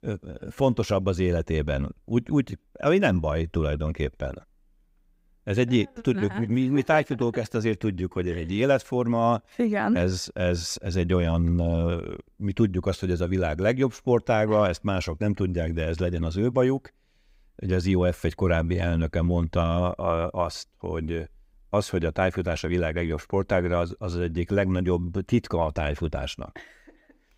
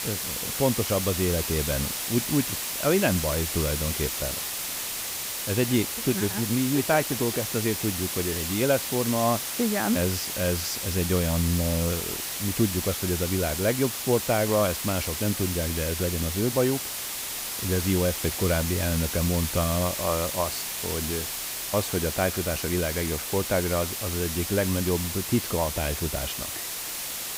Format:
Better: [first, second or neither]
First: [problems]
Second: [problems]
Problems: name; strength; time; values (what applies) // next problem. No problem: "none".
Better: first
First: none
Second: hiss; loud; throughout; 2 dB below the speech